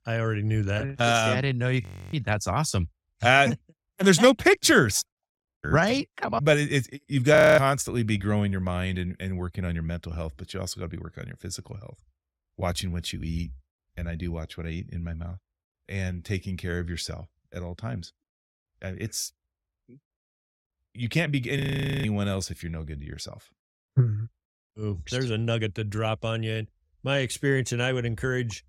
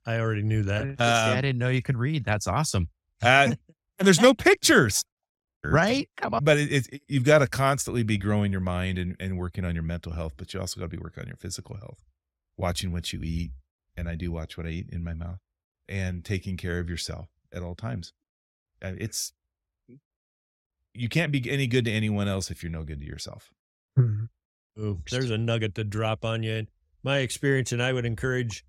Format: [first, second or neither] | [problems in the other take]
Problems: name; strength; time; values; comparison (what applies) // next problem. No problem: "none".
second | audio freezing; at 2 s, at 7.5 s and at 22 s